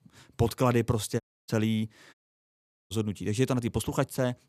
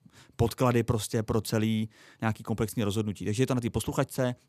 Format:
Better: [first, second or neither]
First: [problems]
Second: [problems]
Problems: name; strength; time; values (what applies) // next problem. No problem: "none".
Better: second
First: audio cutting out; at 1 s and at 2 s for 1 s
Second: none